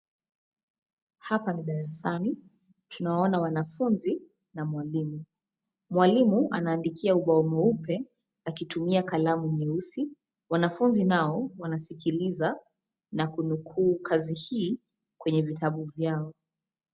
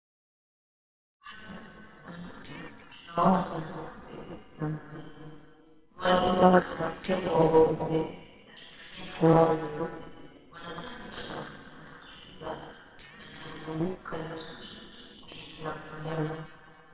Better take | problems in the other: first | noise reduction (neural separator model SepFormer WHAMR!)

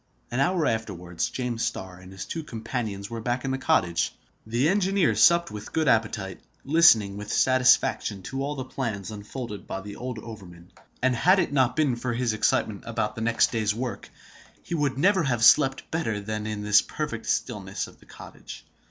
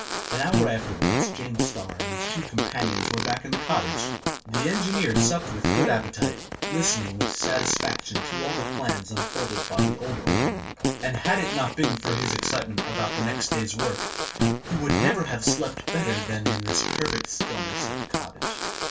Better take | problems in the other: first | background sound (Fart); 2 dB above the speech // room echo; dies away in 0.2 s

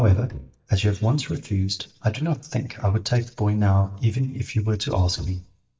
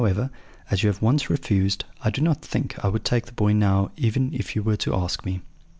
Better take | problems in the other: second | noise reduction (neural mask model DeepFilterNet 3)

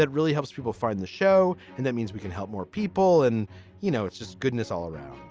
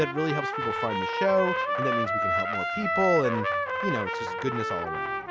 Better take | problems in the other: first | background sound (Trumpet); 1 dB above the speech

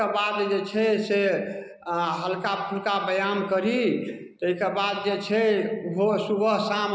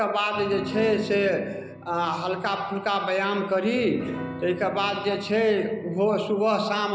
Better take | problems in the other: first | background sound (Piano); 14 dB below the speech

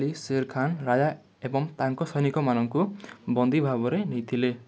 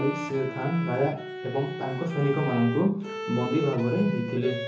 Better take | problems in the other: first | background sound (Bowed string instrument); 8 dB below the speech // room echo; dies away in 0.8 s

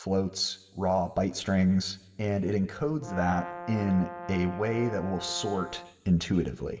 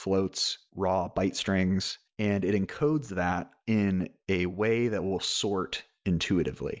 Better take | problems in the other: second | background sound (Brass instrument); 12 dB below the speech // room echo; dies away in 2.1 s

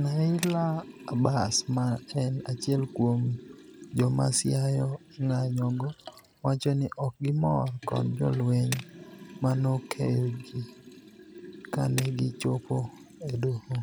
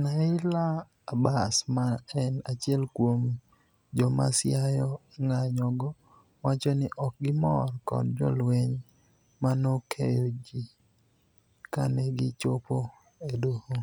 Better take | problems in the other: second | background sound (Liquid + Tools); 16 dB below the speech

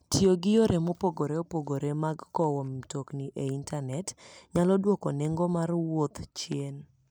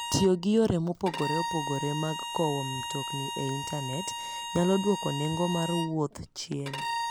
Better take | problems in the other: first | background sound (Bowed string instrument); 6 dB below the speech

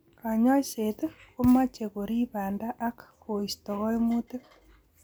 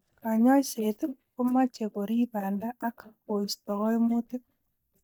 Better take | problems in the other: first | noise reduction (neural mask model DeepFilterNet 3)

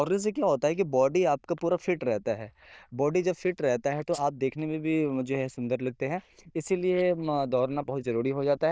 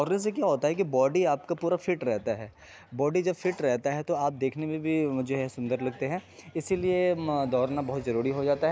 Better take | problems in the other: second | noise reduction (neural diffusion model UNIVERSE++)

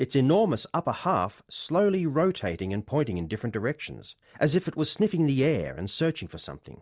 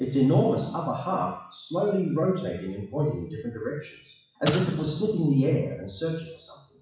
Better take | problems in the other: first | noise reduction (classical method WPE with log-MMSE)

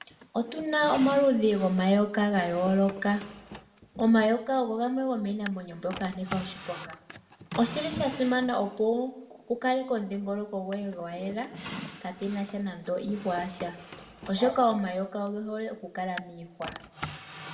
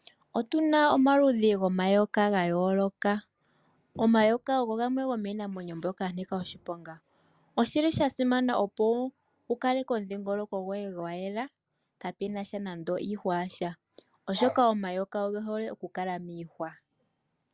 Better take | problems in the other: second | background sound (Drawer open or close); 16 dB below the speech // room echo; dies away in 0.6 s

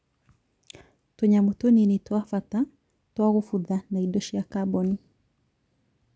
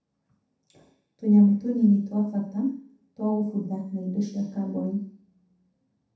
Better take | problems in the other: first | room echo; dies away in 0.7 s

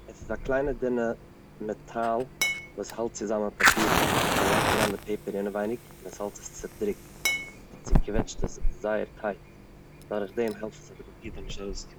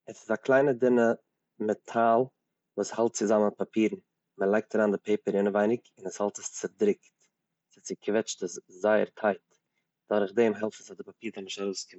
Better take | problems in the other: second | background sound (Glass + Fire); 3 dB above the speech

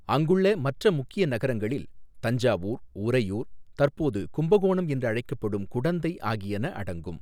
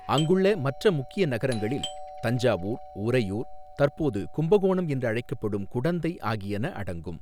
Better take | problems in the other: first | background sound (Doorbell); 18 dB below the speech

